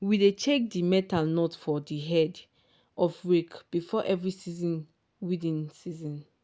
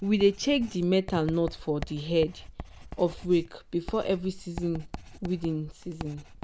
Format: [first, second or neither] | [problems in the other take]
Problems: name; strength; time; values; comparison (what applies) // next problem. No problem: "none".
first | background sound (Writing); 13 dB below the speech